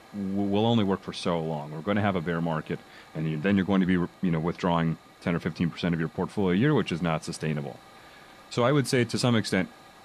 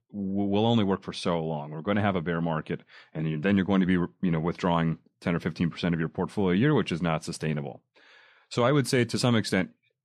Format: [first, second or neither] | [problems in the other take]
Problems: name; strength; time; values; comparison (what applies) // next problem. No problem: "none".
second | hiss; faint; throughout; 25 dB below the speech